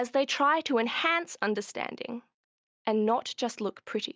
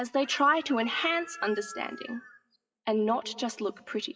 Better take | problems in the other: first | noise reduction (classical method WPE with log-MMSE)

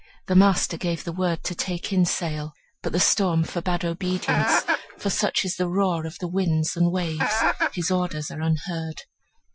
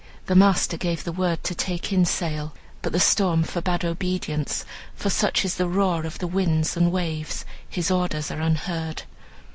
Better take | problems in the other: second | noise reduction (classical method Wiener filter)

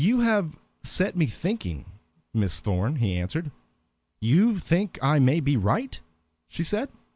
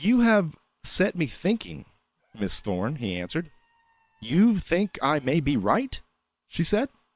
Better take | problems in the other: first | noise reduction (neural separator model SepFormer WHAM!)

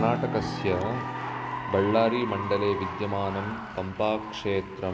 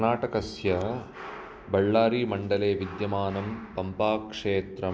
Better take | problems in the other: second | background sound (Applause / Cheering + Acoustic guitar / Strum); 6 dB below the speech

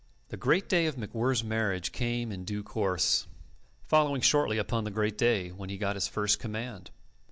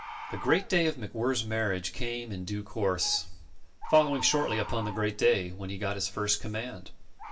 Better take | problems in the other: first | background sound (Bird); 15 dB below the speech // room echo; dies away in 0.2 s

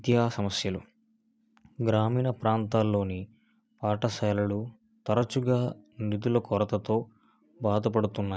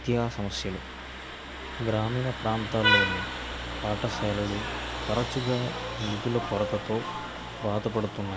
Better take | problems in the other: first | background sound (Vehicle horn, car horn, honking); 2 dB below the speech

